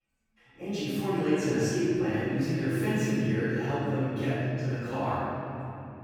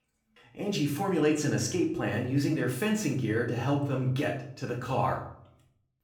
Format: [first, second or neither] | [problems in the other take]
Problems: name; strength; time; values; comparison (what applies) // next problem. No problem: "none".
second | room echo; strong; dies away in 3 s; slight in the second // off-mic speech; far; somewhat distant in the second